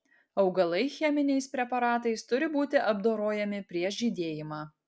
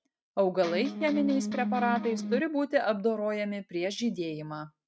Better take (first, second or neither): first